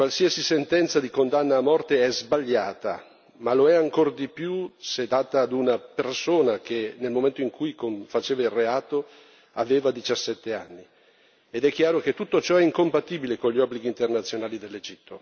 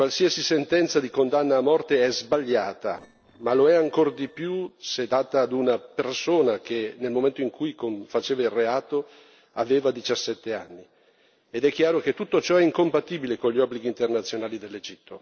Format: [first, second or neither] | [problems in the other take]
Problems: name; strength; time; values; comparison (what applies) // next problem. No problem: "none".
first | noise reduction (neural separator model SepFormer DNS4)